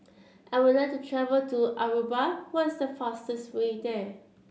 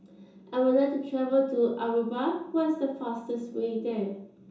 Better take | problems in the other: first | room echo; dies away in 0.6 s

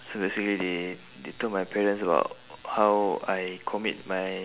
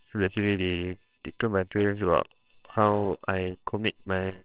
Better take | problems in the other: first | noise reduction (neural separator model SepFormer WHAMR!)

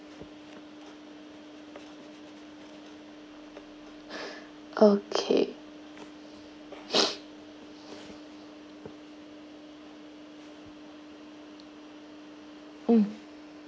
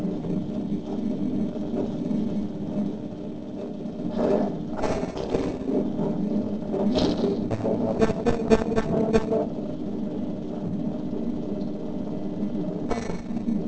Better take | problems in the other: first | noise reduction (neural separator model SepFormer DNS4)

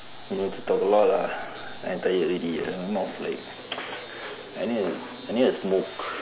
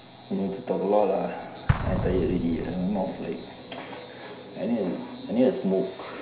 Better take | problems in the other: first | background sound (Explosion); 8 dB below the speech // room echo; dies away in 0.5 s

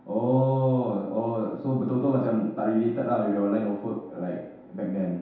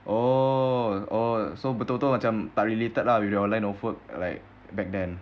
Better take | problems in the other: second | room echo; dies away in 0.8 s

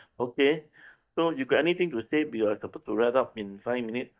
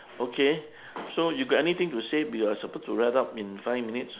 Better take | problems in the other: second | noise reduction (neural mask model DeepFilterNet 3)

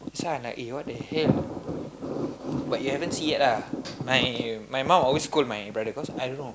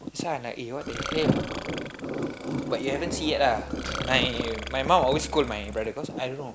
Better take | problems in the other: first | background sound (Musical instrument + Burping, eructation); 10 dB below the speech

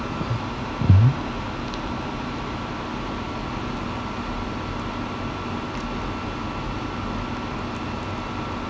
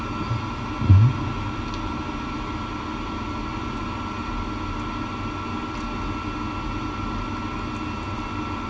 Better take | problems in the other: first | room echo; dies away in 1.9 s

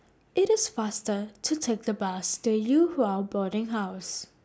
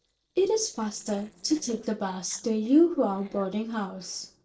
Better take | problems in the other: first | noise reduction (neural separator model SepFormer DNS4)

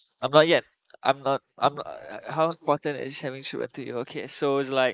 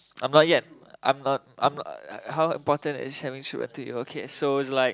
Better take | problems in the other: second | noise reduction (neural mask model Resemble Enhance denoiser)

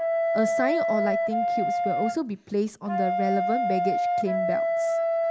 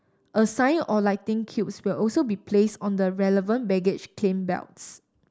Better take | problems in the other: second | background sound (Wind instrument, woodwind instrument); 4 dB above the speech

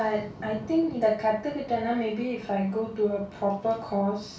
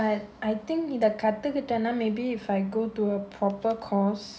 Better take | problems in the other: second | background sound (Thunder / Rain); 19 dB below the speech // room echo; dies away in 0.3 s

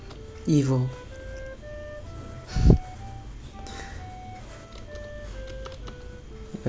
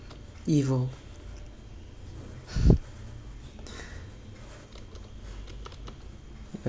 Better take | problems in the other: second | background sound (Wind instrument, woodwind instrument); 17 dB below the speech

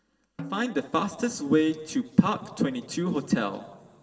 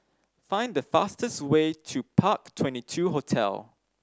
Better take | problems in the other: second | background sound (Snare drum); 19 dB below the speech // room echo; dies away in 3 s

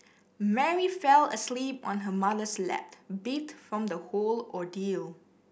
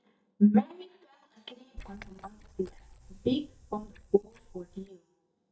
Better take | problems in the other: first | noise reduction (neural mask model DeepFilterNet 3)

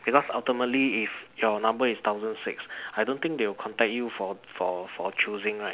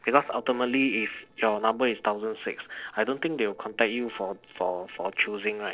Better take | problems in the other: first | noise reduction (neural separator model SepFormer DNS4)

